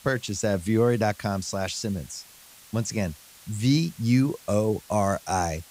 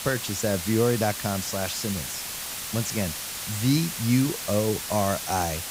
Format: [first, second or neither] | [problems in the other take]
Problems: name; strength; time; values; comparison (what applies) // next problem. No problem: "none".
first | hiss; loud; throughout; 4 dB below the speech; faint in the first